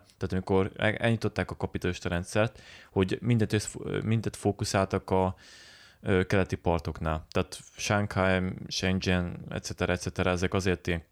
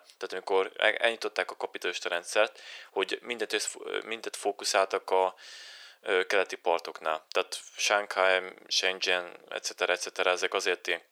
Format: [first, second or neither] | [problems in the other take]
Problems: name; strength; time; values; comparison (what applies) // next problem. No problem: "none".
first | thin; very; fading below 450 Hz